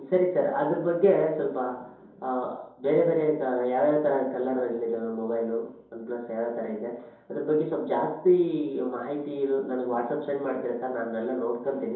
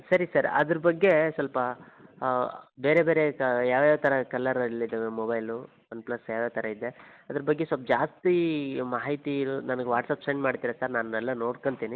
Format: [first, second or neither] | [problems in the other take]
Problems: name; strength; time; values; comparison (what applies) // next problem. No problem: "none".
second | room echo; dies away in 2.8 s